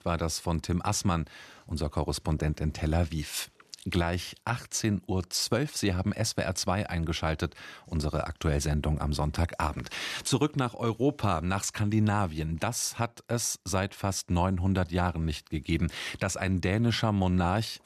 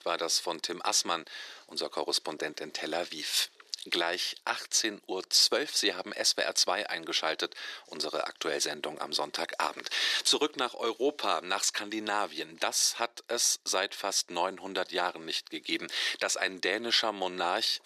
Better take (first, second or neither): first